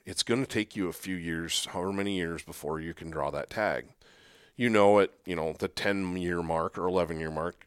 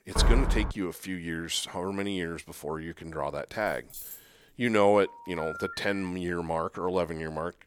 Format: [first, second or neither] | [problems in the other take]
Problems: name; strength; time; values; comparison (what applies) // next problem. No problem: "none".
first | door banging; loud; at the start; peak 4 dB above the speech // jangling keys; faint; at 3.5 s; peak 10 dB below the speech // phone ringing; noticeable; from 5 to 6 s; peak 9 dB below the speech